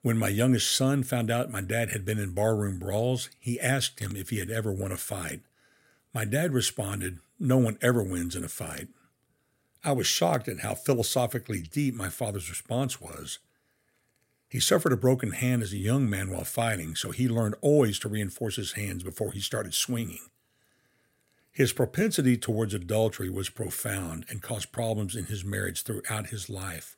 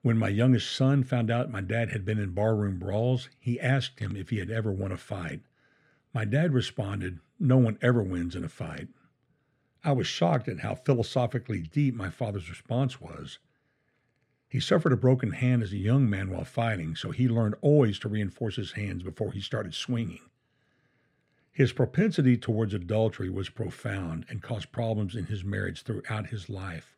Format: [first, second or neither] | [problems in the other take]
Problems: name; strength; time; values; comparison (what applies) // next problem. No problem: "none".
first | muffled; slightly; fading above 3.5 kHz